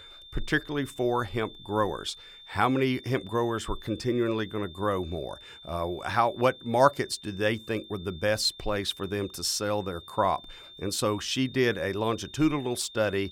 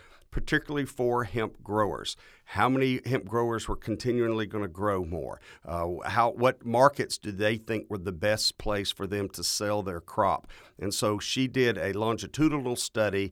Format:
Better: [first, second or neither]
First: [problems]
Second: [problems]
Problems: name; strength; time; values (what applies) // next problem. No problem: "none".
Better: second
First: high-pitched whine; noticeable; throughout; 3.5 kHz, 20 dB below the speech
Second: none